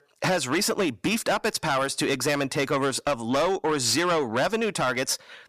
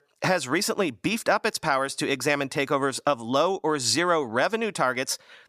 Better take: second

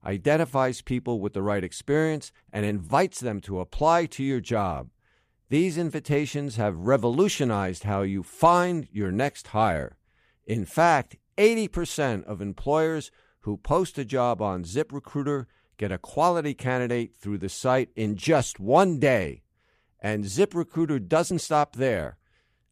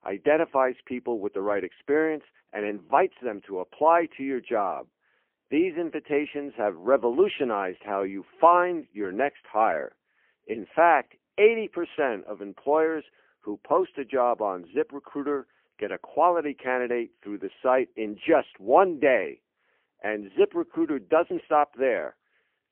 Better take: first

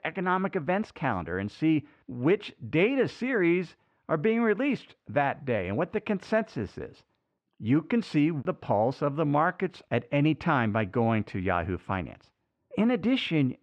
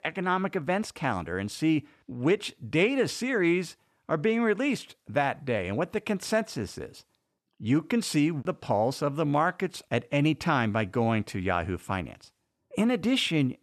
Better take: second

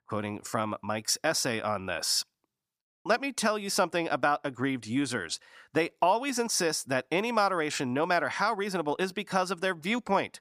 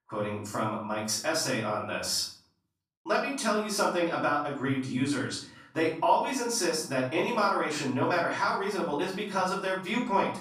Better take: first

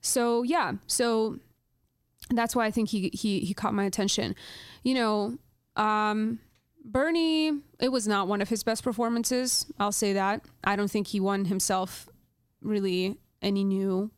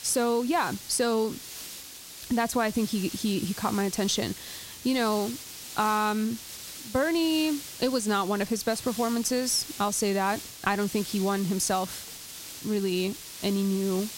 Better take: first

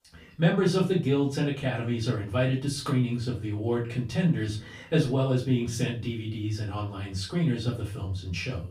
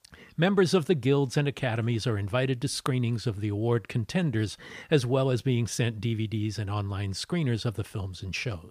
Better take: second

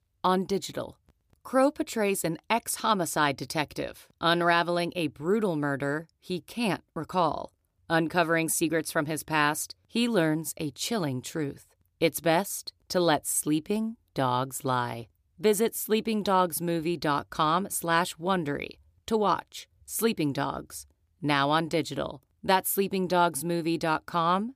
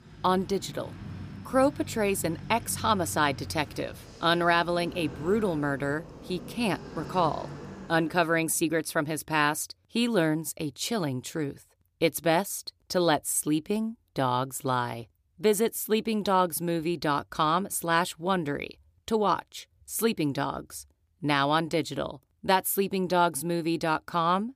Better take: first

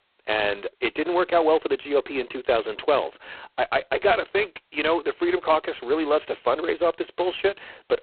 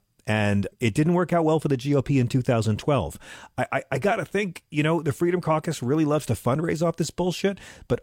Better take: second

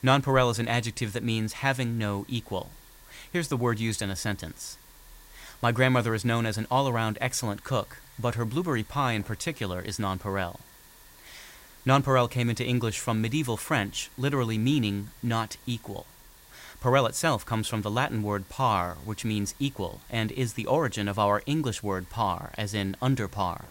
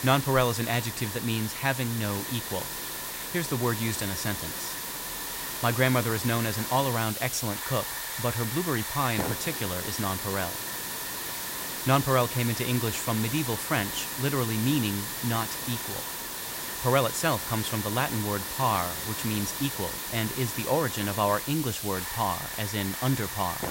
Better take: first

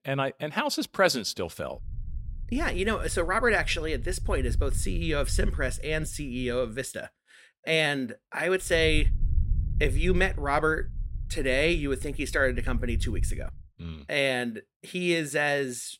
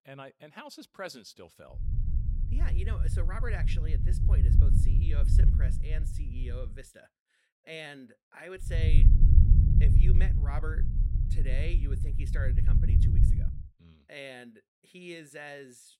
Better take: first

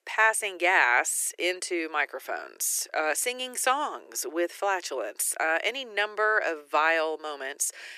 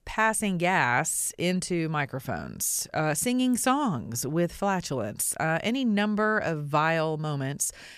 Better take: second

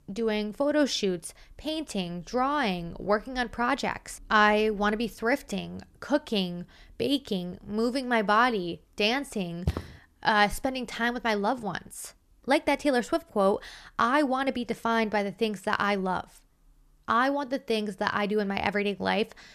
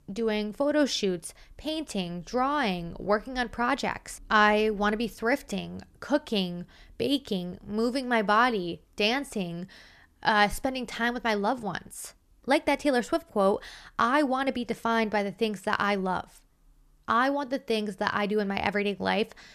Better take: second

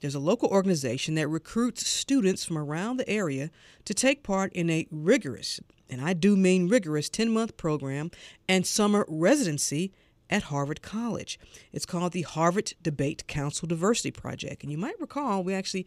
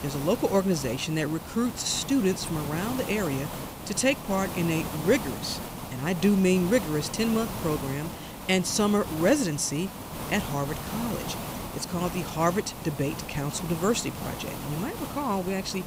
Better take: first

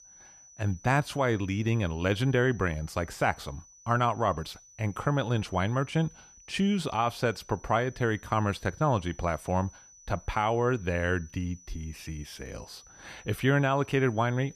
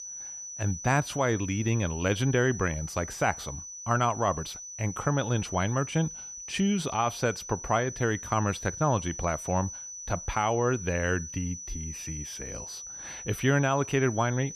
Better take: first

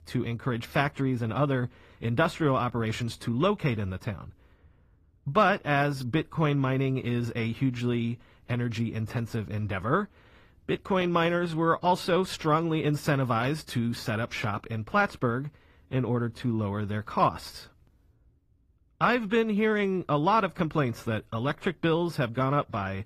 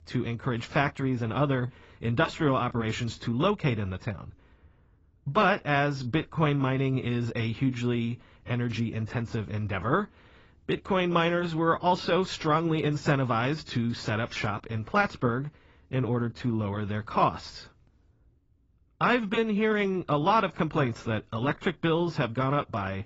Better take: first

